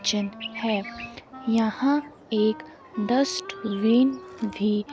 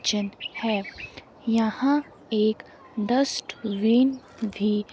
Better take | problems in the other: second | background sound (Wind instrument, woodwind instrument); 17 dB below the speech

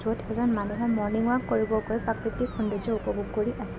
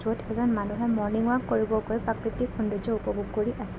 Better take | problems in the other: second | background sound (Musical instrument); 20 dB below the speech

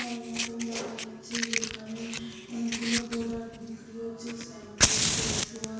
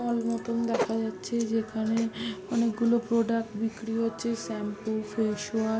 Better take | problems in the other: second | background sound (Fire); 3 dB above the speech // room echo; dies away in 1.1 s

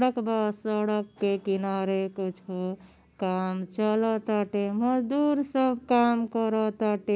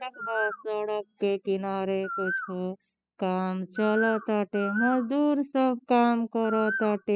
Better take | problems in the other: first | noise reduction (classical method spectral subtraction)

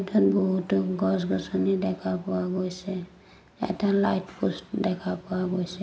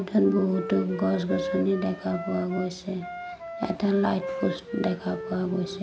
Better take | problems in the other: first | background sound (Wind instrument, woodwind instrument); 9 dB below the speech

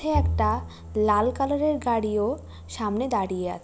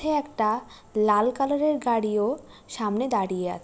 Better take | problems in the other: second | background sound (Bowed string instrument); 7 dB below the speech

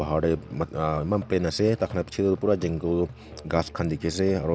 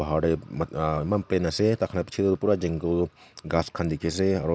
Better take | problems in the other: second | background sound (Musical instrument); 18 dB below the speech

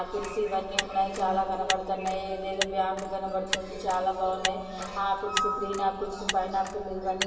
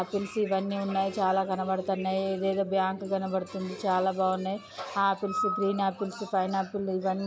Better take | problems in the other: second | background sound (Motor vehicle (road)); 8 dB below the speech // room echo; dies away in 2.6 s

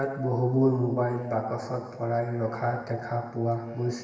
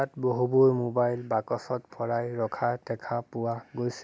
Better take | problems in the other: second | room echo; dies away in 1.3 s

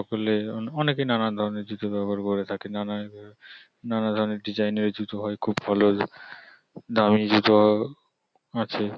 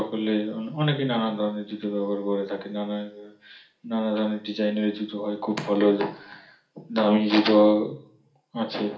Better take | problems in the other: first | room echo; dies away in 0.4 s

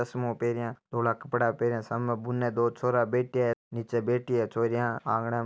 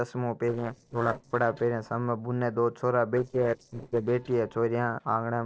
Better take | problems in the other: first | noise reduction (neural separator model SepFormer DNS4)

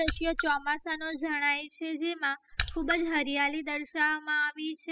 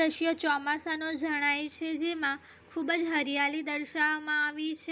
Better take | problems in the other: second | noise reduction (classical method spectral subtraction)

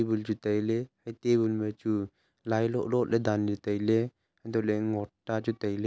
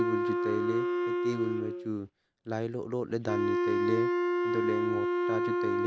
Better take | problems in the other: first | background sound (Wind instrument, woodwind instrument); 4 dB above the speech

